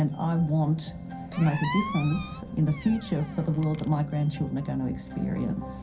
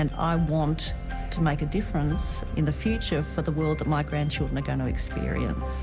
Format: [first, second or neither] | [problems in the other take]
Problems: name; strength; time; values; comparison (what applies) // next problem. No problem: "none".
second | background sound (Squeak); 11 dB below the speech // room echo; dies away in 0.3 s